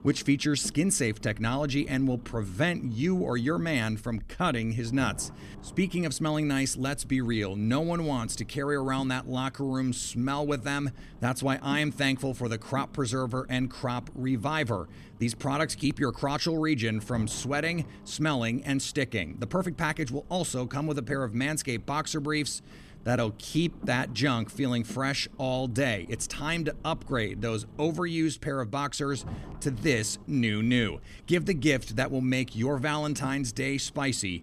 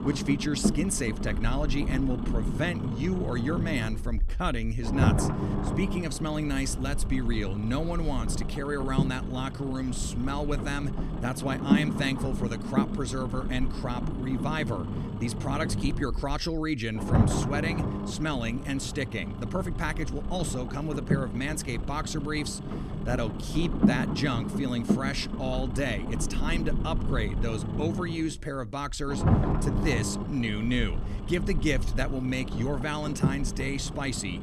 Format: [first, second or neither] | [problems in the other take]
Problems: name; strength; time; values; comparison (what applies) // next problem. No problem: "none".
first | low rumble; loud; throughout; 5 dB below the speech; faint in the first